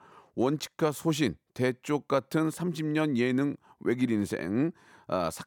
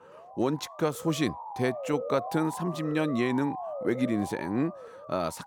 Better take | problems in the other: first | siren; noticeable; peak 5 dB below the speech

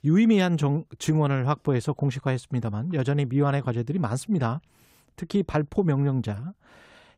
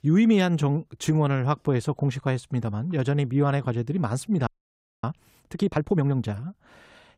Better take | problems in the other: first | audio freezing; at 4.5 s for 0.5 s

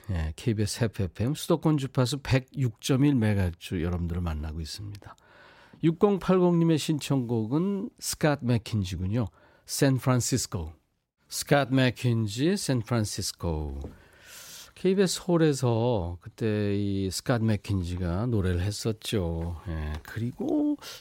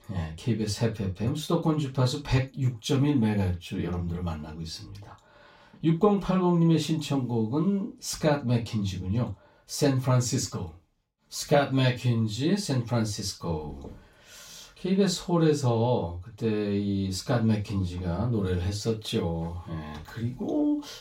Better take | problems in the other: first | room echo; slight; dies away in 0.2 s // off-mic speech; far

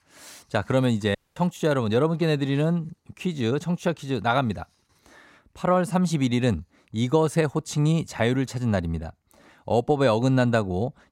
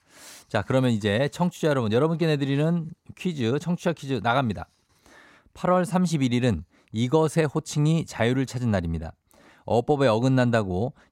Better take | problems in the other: second | audio cutting out; at 1 s

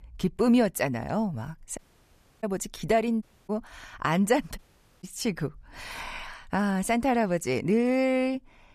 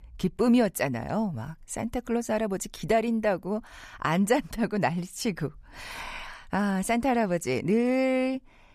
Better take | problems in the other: second | audio cutting out; at 2 s for 0.5 s, at 3 s and at 4.5 s

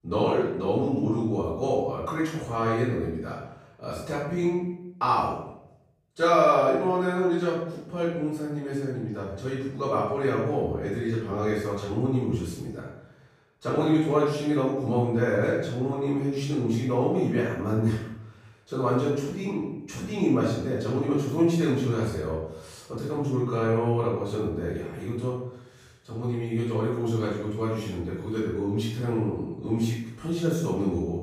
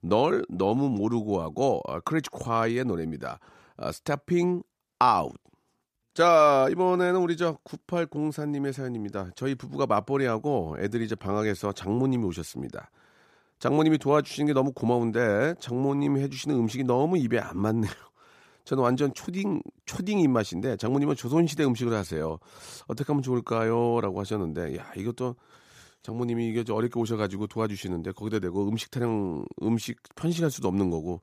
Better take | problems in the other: second | off-mic speech; far // room echo; strong; dies away in 0.7 s

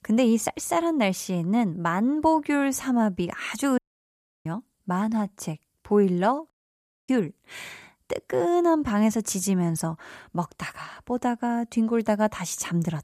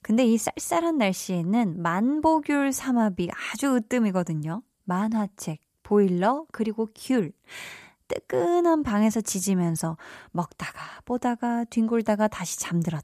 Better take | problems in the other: second | audio cutting out; at 4 s for 0.5 s and at 6.5 s for 0.5 s

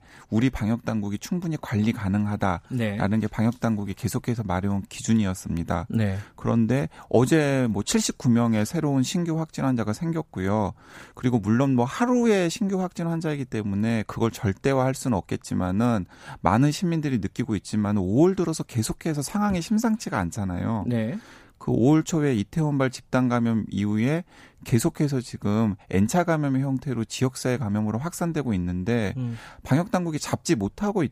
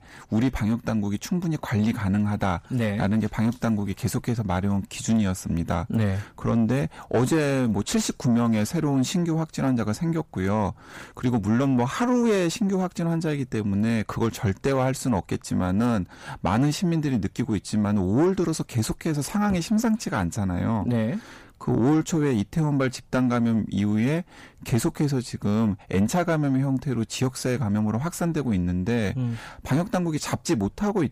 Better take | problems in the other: first | distortion; slight; 10 dB below the speech

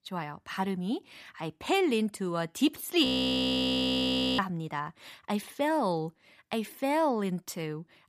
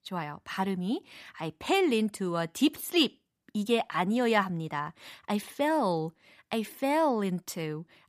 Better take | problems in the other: second | audio freezing; at 3 s for 1.5 s

